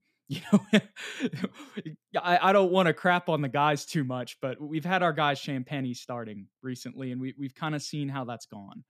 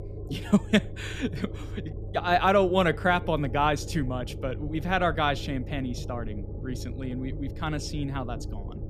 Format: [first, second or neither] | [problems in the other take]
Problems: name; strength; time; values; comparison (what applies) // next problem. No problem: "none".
first | low rumble; noticeable; throughout; 20 dB below the speech